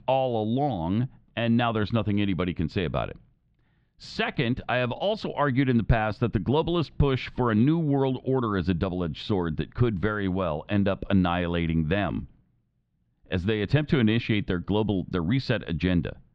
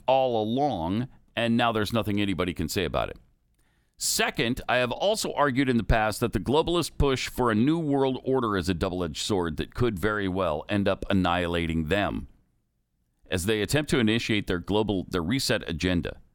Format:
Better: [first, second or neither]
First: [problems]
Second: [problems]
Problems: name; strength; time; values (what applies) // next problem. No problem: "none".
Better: second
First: muffled; slightly; fading above 3.5 kHz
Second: none